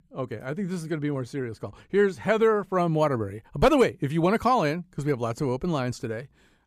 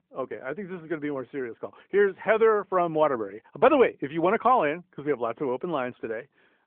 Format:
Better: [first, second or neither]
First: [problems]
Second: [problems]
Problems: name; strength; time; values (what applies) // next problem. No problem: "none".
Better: first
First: none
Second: phone-call audio; nothing above 3.5 kHz